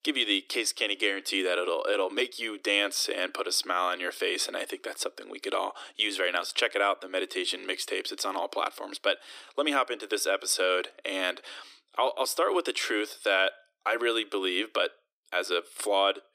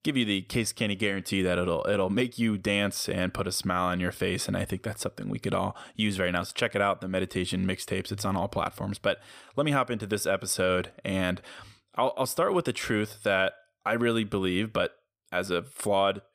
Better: second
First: thin; somewhat; fading below 300 Hz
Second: none

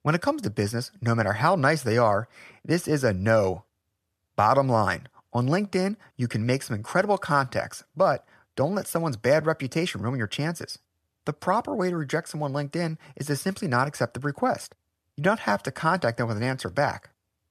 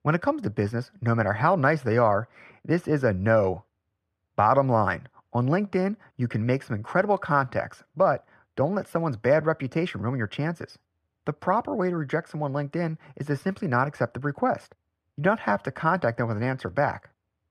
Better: first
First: none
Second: muffled; slightly; fading above 4 kHz

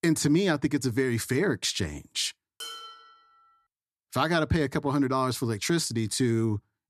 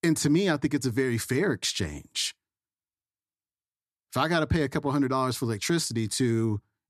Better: second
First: clattering dishes; faint; at 2.5 s; peak 10 dB below the speech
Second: none

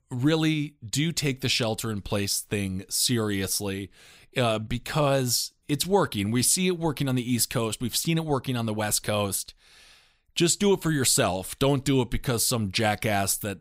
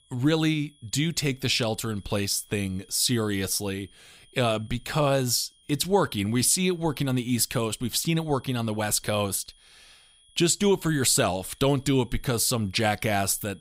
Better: first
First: none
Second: high-pitched whine; faint; throughout; 3.5 kHz, 30 dB below the speech

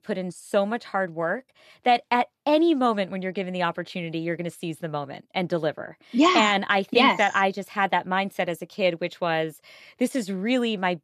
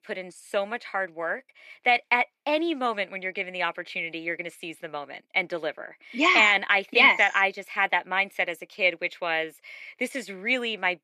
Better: first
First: none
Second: thin; somewhat; fading below 350 Hz

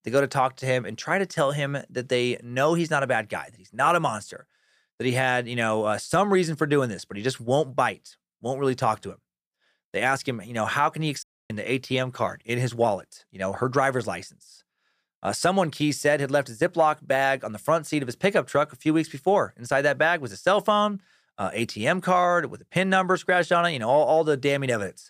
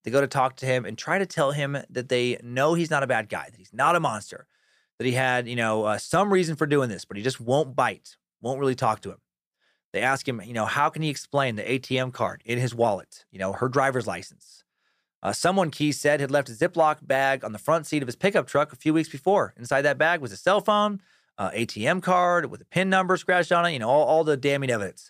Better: second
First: audio cutting out; at 11 s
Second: none

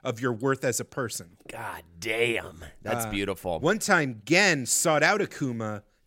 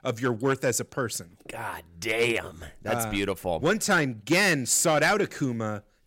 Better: first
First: none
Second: distortion; slight; 3% of the sound clipped

